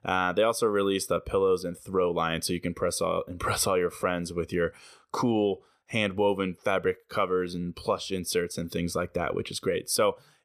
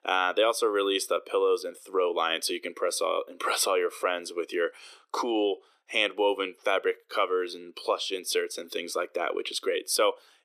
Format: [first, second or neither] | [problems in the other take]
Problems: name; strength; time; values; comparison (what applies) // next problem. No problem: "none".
first | thin; somewhat; fading below 300 Hz